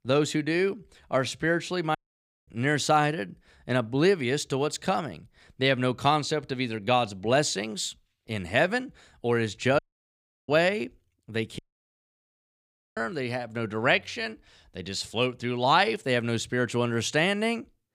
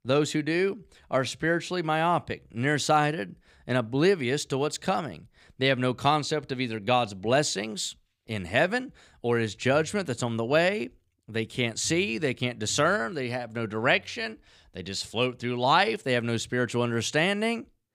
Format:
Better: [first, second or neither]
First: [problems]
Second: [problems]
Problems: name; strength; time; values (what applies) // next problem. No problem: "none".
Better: second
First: audio cutting out; at 2 s for 0.5 s, at 10 s for 0.5 s and at 12 s for 1.5 s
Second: none